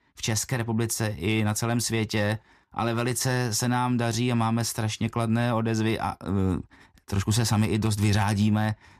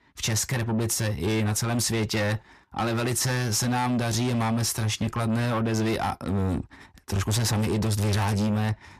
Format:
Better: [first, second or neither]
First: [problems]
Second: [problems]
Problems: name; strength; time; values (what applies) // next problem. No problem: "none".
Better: first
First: none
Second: distortion; heavy; 7 dB below the speech